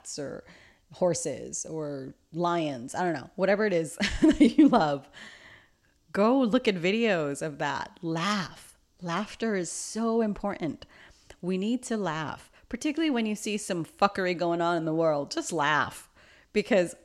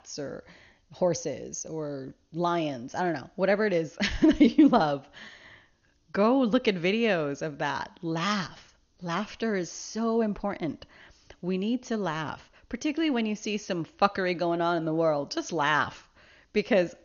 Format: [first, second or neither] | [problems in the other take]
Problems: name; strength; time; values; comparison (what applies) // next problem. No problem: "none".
first | garbled, watery; slightly; nothing above 6.5 kHz